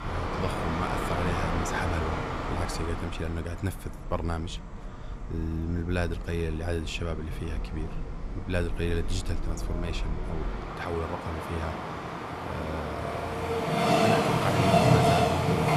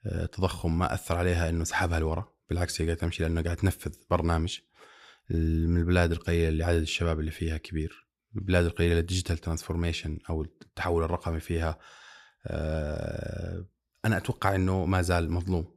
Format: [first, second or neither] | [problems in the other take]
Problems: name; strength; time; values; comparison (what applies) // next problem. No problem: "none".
second | train or aircraft noise; very loud; throughout; 4 dB above the speech